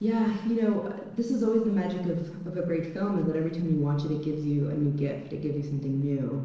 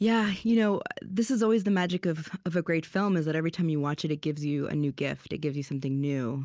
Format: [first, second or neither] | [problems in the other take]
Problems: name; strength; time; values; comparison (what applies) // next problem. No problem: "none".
second | noise reduction (neural separator model SepFormer DNS4)